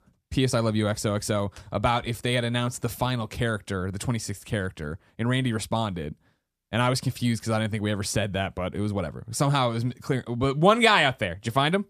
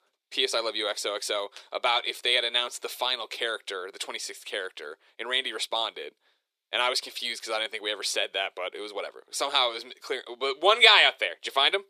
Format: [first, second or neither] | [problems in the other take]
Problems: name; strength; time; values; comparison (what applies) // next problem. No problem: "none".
first | thin; very; fading below 400 Hz